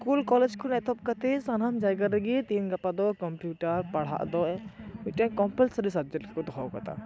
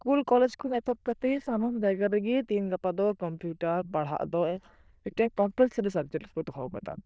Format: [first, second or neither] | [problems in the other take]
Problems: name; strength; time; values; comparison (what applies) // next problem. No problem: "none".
first | noise reduction (neural diffusion model UNIVERSE++)